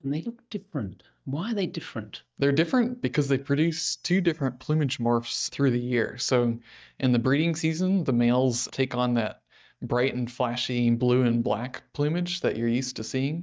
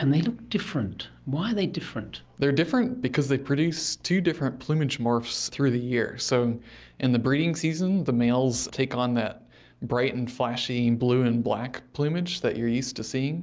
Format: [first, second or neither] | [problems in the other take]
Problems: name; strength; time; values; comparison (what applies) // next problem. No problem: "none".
second | noise reduction (neural mask model DeepFilterNet 3)